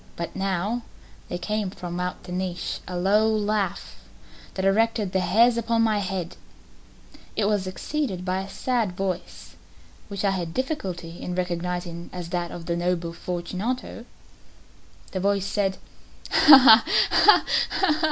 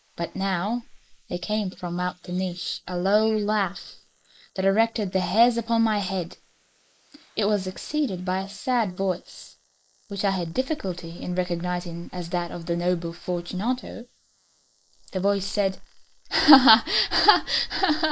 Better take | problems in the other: first | noise reduction (neural mask model Resemble Enhance denoiser)

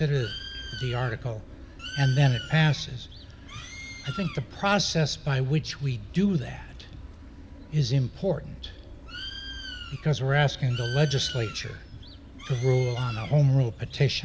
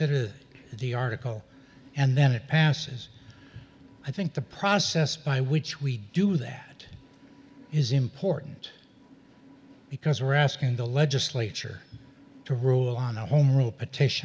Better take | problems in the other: second | background sound (Bird); 14 dB below the speech

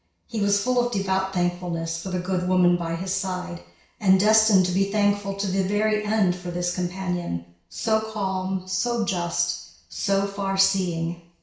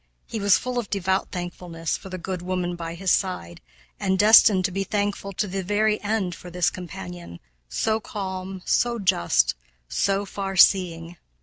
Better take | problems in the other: second | room echo; dies away in 0.6 s

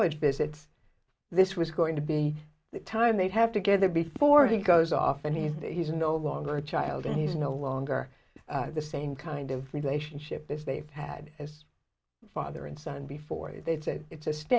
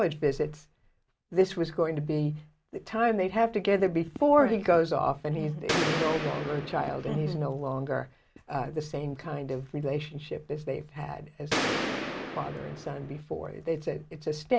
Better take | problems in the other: first | background sound (Gunshot, gunfire); 3 dB below the speech

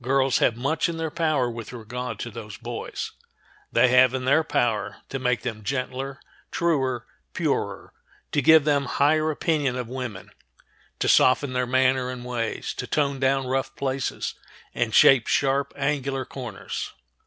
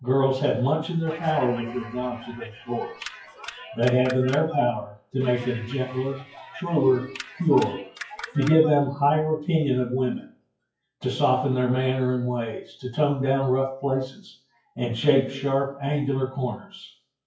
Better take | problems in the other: first | noise reduction (classical method WPE with log-MMSE)

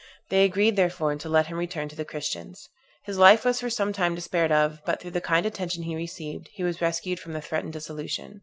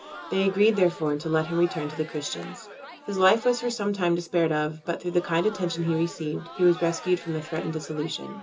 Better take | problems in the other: first | background sound (Crowd); 16 dB below the speech // room echo; dies away in 0.2 s

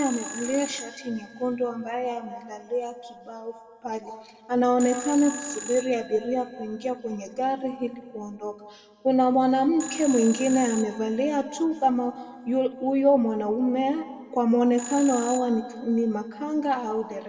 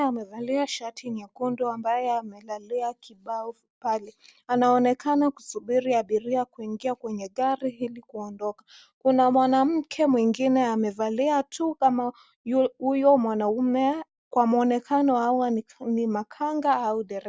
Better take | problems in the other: second | background sound (Telephone); 17 dB below the speech // room echo; dies away in 1.7 s

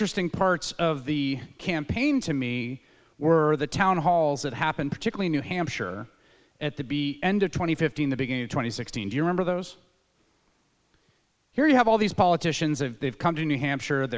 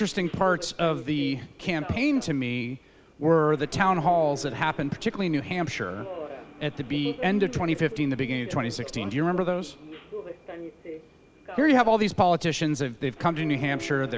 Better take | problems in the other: first | background sound (Subway, metro, underground); 15 dB below the speech

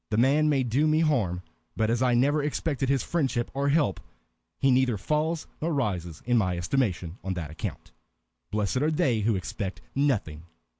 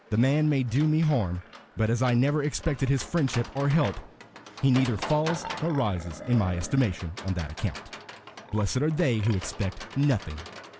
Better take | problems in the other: first | background sound (Livestock, farm animals, working animals); 14 dB below the speech

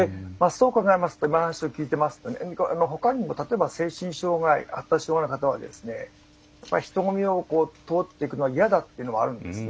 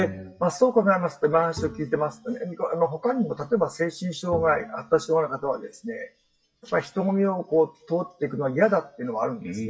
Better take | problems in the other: first | noise reduction (classical method WPE with log-MMSE)

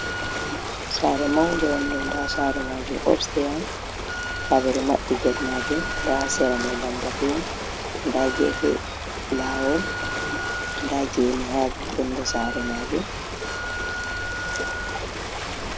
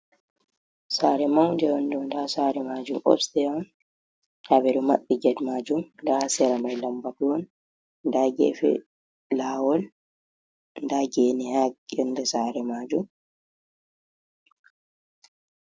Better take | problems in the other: second | background sound (Wind instrument, woodwind instrument + Ocean); 3 dB below the speech

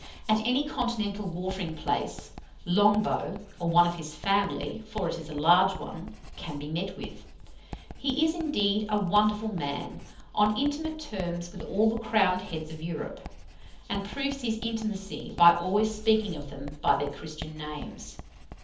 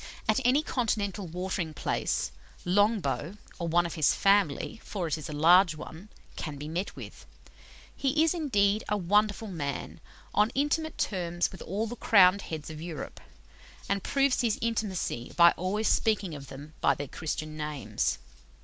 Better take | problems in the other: second | background sound (Writing); 16 dB below the speech // room echo; dies away in 0.7 s

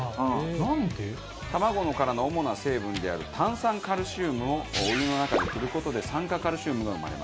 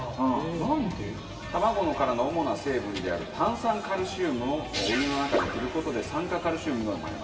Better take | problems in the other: first | room echo; dies away in 2.1 s

